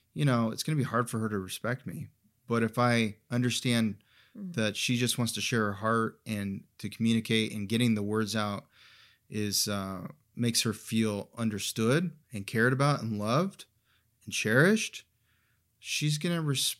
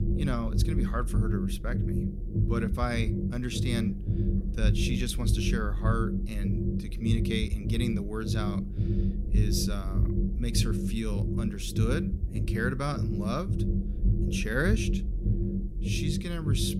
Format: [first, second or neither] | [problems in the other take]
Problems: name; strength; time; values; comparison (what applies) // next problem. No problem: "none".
first | low rumble; loud; throughout; 5 dB below the speech